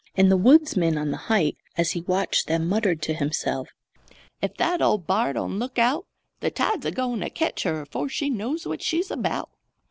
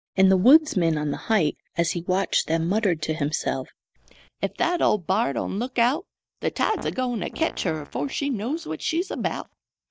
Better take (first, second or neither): first